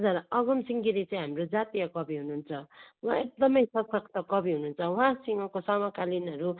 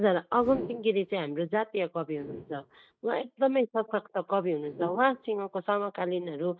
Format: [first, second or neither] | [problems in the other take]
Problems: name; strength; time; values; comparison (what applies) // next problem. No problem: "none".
first | noise reduction (neural mask model DeepFilterNet 3)